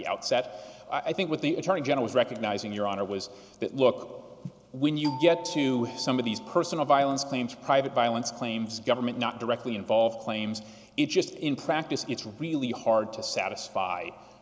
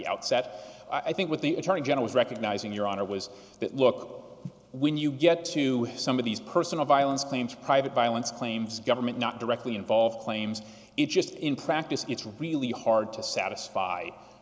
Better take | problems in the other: second | background sound (Doorbell); 14 dB below the speech

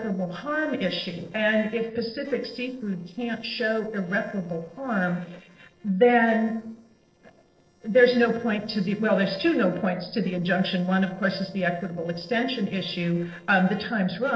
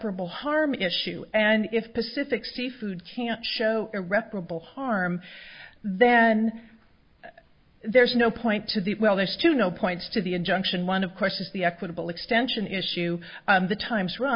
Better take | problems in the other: second | noise reduction (neural separator model SepFormer DNS4)

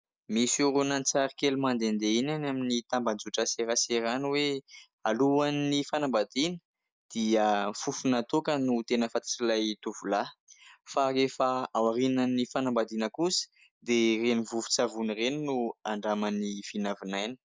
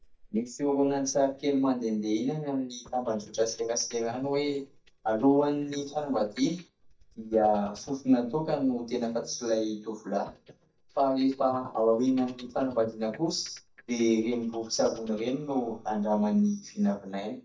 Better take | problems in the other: first | noise reduction (neural mask model DeepFilterNet 3)

